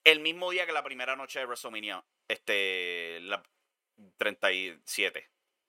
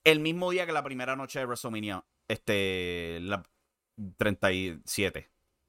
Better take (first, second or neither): second